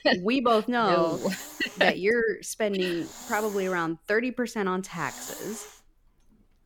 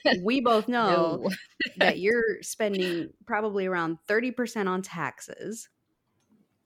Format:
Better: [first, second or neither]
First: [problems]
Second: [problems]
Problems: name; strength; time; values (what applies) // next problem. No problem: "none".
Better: second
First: hiss; noticeable; throughout; 15 dB below the speech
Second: none